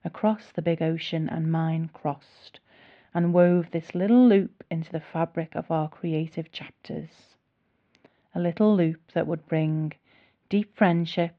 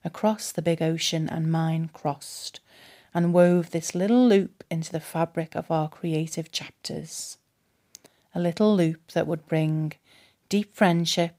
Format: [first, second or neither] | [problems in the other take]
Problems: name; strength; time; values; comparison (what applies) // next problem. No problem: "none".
second | muffled; very; fading above 3 kHz